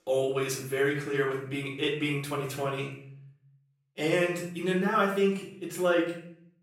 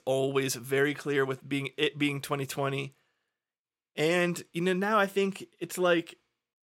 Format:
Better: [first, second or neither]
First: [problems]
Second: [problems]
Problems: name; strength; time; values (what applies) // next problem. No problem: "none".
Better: second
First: room echo; noticeable; dies away in 0.6 s // off-mic speech; far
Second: none